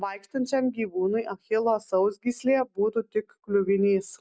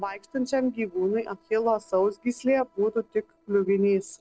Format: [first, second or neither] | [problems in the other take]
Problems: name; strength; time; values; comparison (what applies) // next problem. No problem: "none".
first | noise reduction (neural separator model SepFormer DNS4)